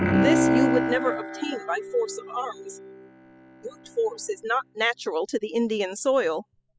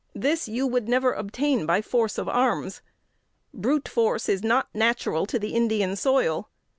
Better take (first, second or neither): second